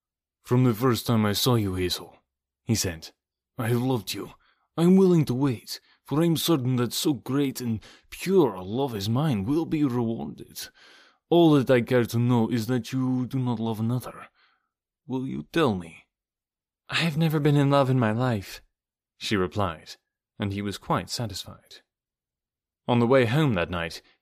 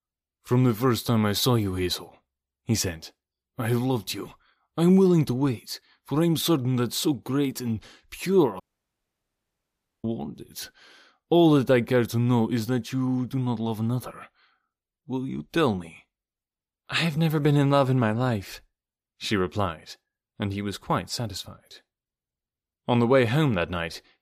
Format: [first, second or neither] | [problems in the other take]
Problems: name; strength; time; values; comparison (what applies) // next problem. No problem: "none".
first | audio cutting out; at 8.5 s for 1.5 s